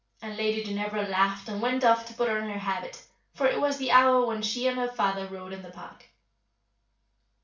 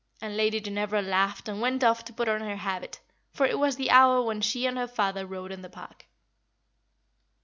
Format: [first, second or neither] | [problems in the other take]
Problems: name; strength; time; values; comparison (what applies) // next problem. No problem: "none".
second | room echo; dies away in 0.3 s